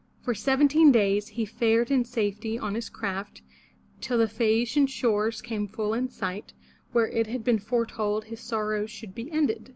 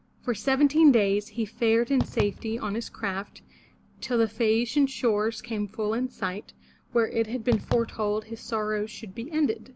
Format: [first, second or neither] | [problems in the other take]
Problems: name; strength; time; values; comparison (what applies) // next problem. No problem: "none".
first | background sound (Fireworks); 12 dB below the speech